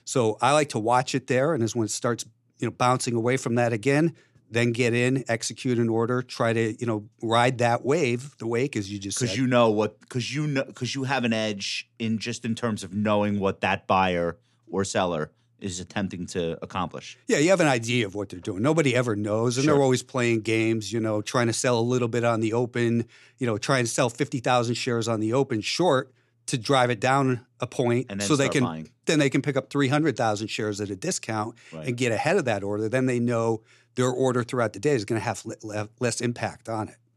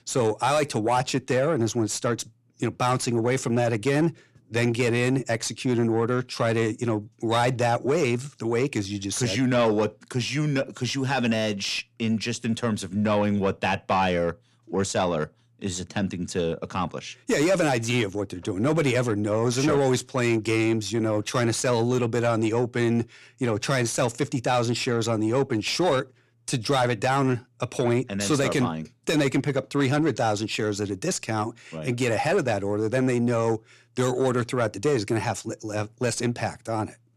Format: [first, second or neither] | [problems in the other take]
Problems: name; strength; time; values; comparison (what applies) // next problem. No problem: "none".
first | distortion; slight; 10 dB below the speech